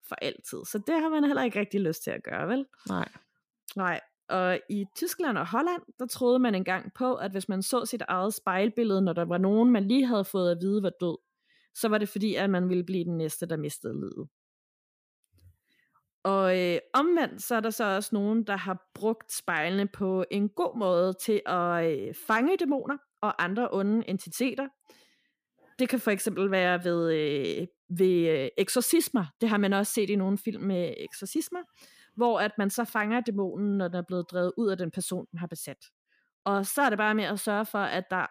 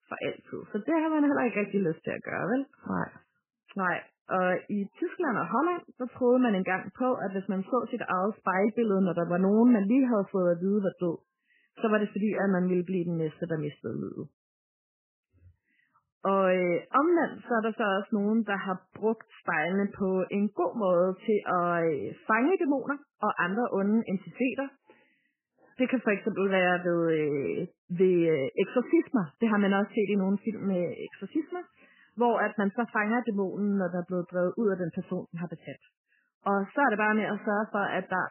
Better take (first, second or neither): first